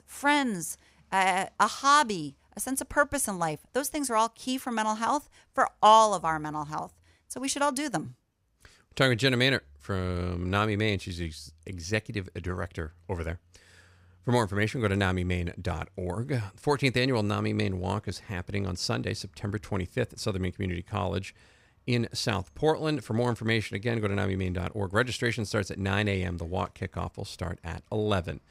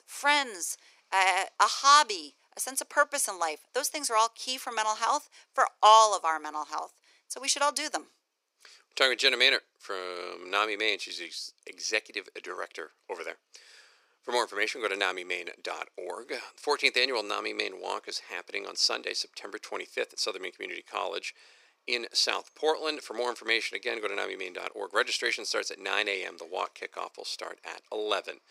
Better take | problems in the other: first | thin; very; fading below 350 Hz

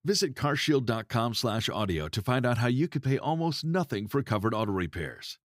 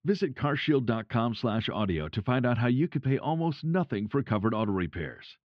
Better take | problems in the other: first | muffled; slightly; fading above 3 kHz

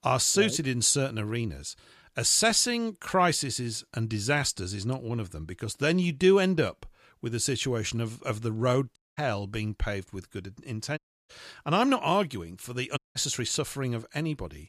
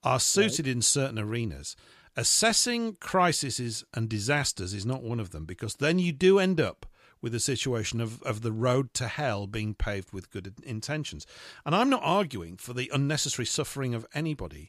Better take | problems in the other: second | audio cutting out; at 9 s, at 11 s and at 13 s

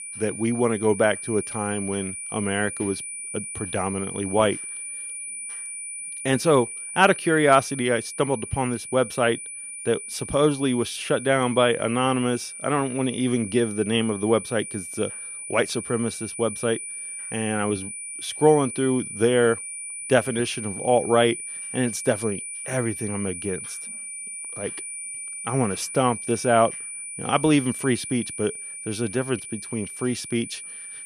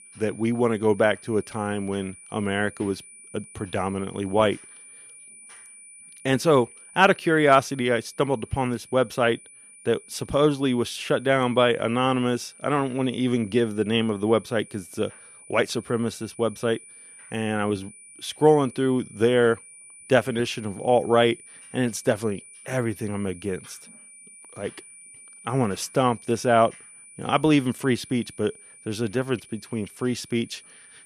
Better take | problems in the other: second | high-pitched whine; loud; throughout; 9.5 kHz, 8 dB below the speech; faint in the second

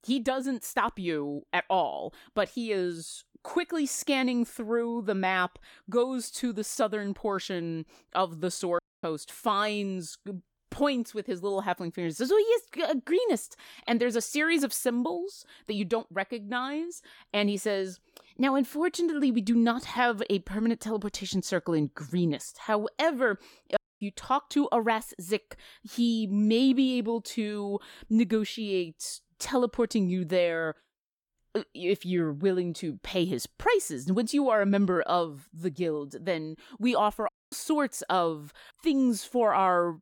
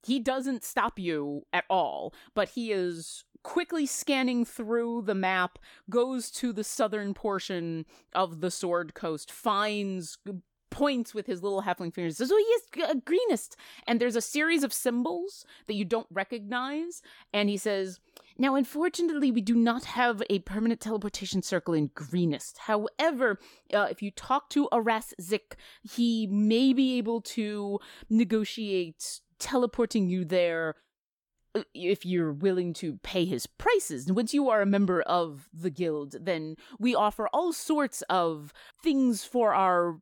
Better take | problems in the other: second | audio cutting out; at 9 s, at 24 s and at 37 s

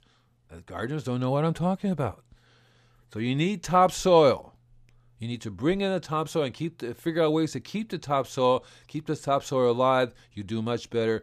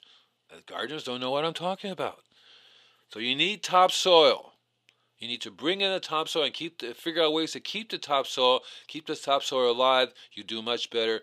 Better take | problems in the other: first | thin; somewhat; fading below 350 Hz

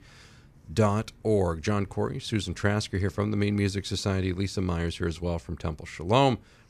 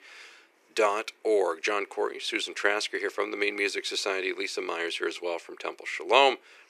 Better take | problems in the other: first | thin; very; fading below 350 Hz

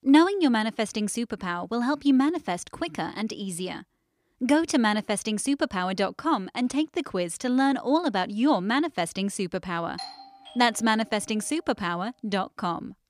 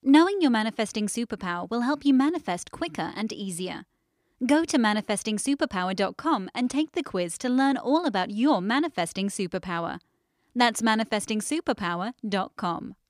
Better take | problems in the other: second | doorbell; faint; at 10 s; peak 10 dB below the speech

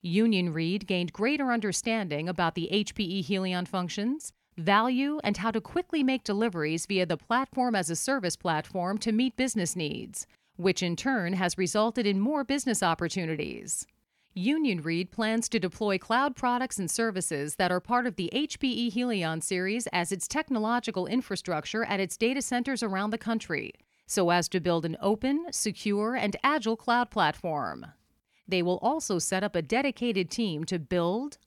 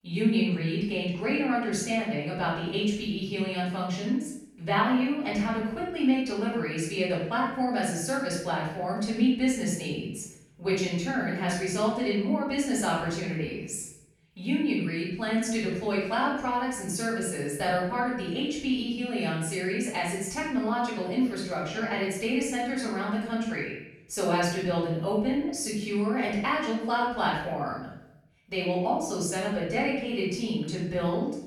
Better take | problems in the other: first | room echo; noticeable; dies away in 0.7 s // off-mic speech; far

